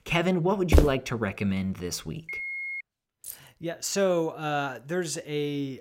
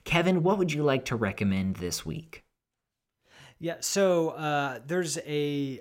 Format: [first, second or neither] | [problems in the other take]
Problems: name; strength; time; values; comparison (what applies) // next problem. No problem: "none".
second | footsteps; loud; at 0.5 s; peak 5 dB above the speech // phone ringing; noticeable; at 2.5 s; peak 3 dB below the speech // jangling keys; faint; at 3 s; peak 15 dB below the speech